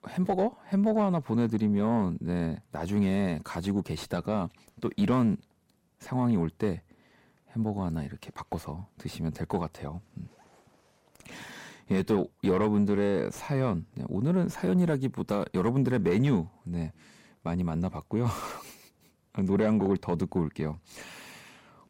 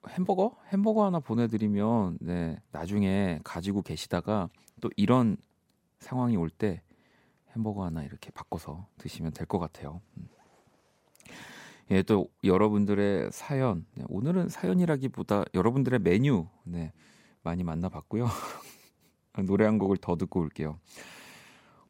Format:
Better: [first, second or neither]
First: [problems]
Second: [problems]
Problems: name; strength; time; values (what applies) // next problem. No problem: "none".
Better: second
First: distortion; slight; 10 dB below the speech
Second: none